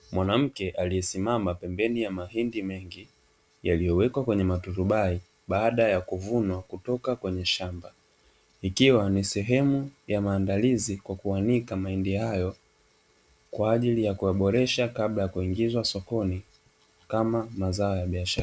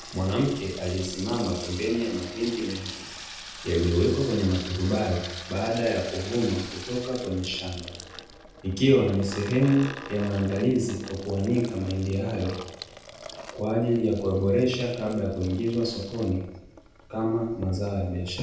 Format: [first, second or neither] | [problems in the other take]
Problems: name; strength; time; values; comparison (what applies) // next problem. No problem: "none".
first | background sound (Sink (filling or washing) / Water tap, faucet); 14 dB below the speech // room echo; dies away in 0.8 s